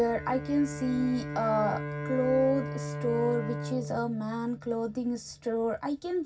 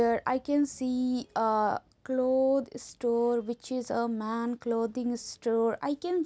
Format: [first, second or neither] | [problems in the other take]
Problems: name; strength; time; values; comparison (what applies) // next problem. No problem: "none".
second | background sound (Bowed string instrument); 8 dB below the speech // room echo; dies away in 0.4 s